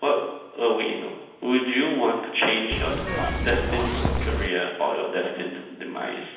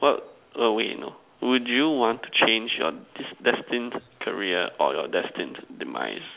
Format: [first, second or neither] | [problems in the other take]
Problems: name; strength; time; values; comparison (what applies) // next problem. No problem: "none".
second | background sound (Zipper (clothing) / Telephone); as loud as the speech // room echo; dies away in 0.9 s